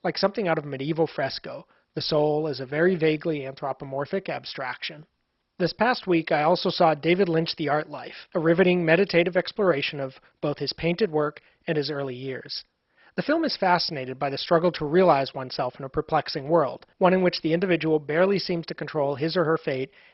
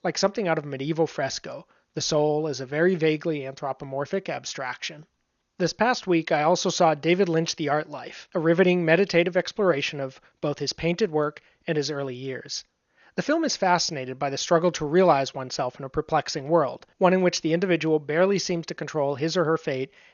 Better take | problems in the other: second | garbled, watery; badly; nothing above 5.5 kHz; slightly in the second

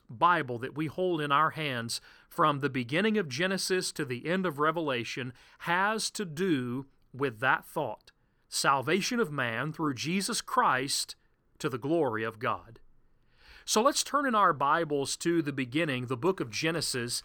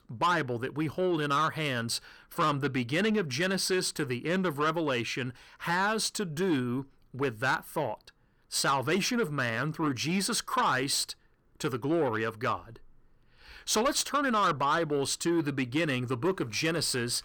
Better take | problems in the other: first | distortion; slight; 10 dB below the speech

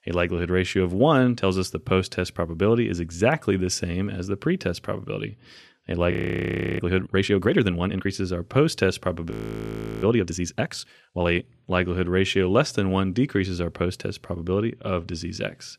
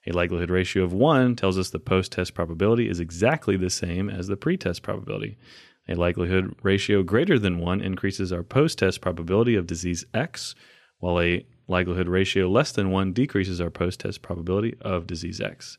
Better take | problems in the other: second | audio freezing; at 6 s for 0.5 s and at 9.5 s for 0.5 s

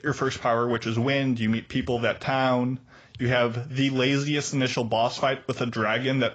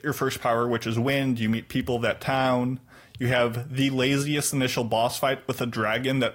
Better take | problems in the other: second | garbled, watery; badly; nothing above 7.5 kHz; slightly in the second

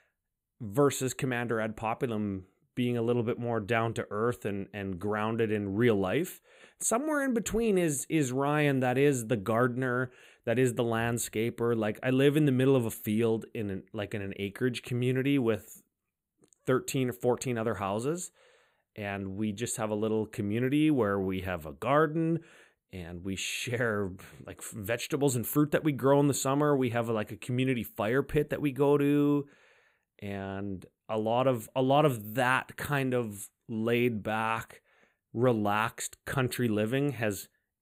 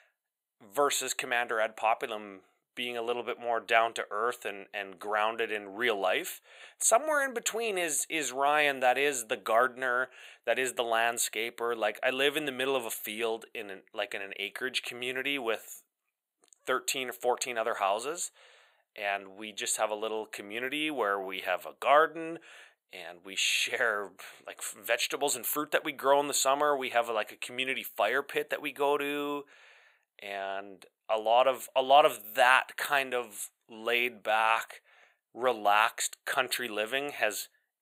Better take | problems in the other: first | thin; very; fading below 700 Hz

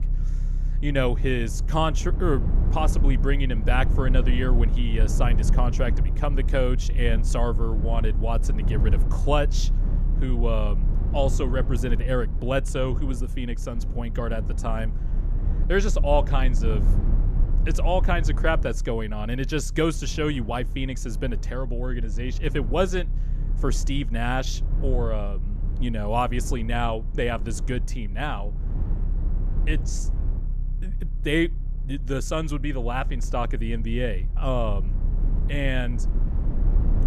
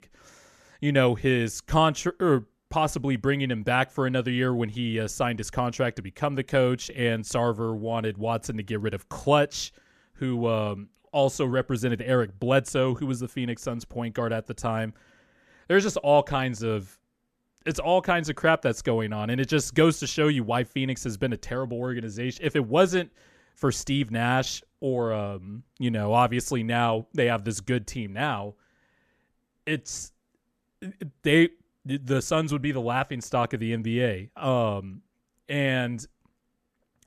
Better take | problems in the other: second | low rumble; noticeable; throughout; 15 dB below the speech

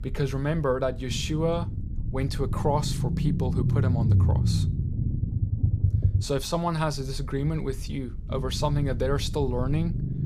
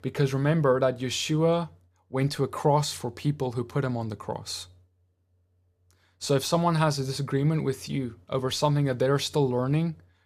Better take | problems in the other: second | low rumble; loud; throughout; 9 dB below the speech

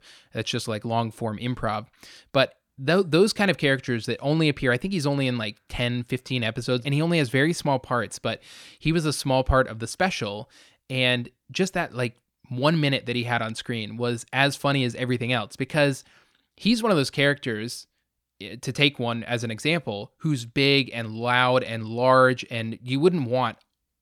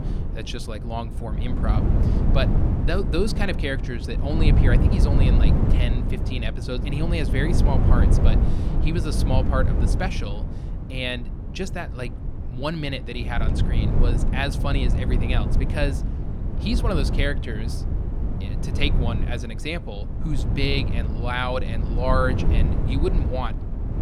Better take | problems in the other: first | wind noise on the microphone; heavy; 5 dB below the speech

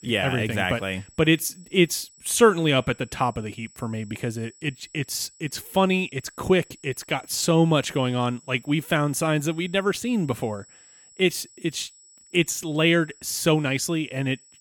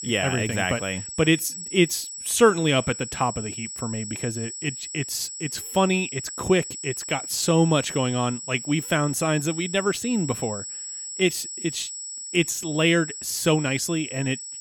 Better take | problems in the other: first | high-pitched whine; loud; throughout; 7.5 kHz, 8 dB below the speech; faint in the first

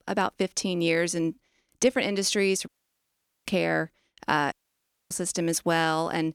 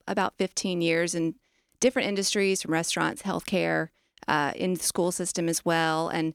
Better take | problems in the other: second | audio cutting out; at 2.5 s for 1 s and at 4.5 s for 0.5 s

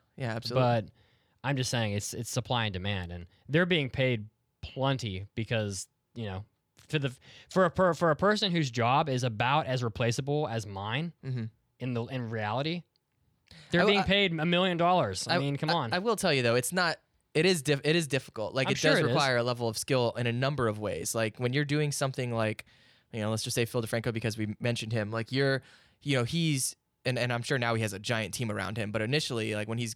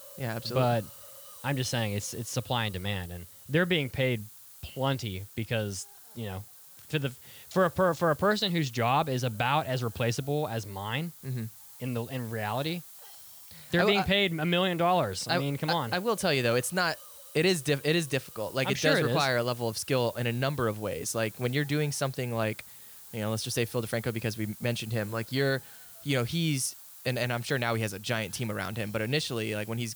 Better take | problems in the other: first | hiss; noticeable; throughout; 15 dB below the speech

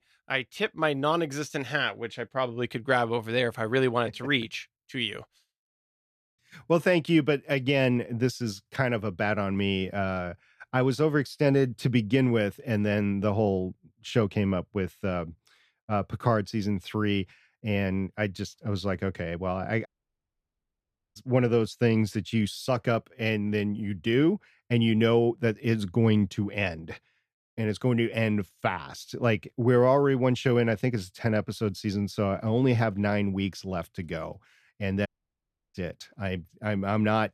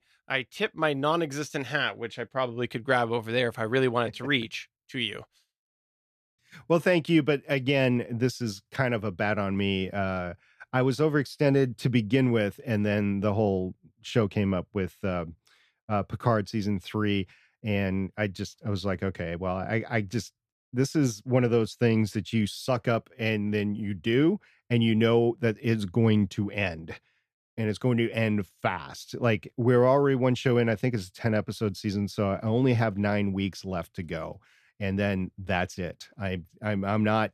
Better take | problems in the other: second | audio cutting out; at 20 s for 1.5 s and at 35 s for 0.5 s

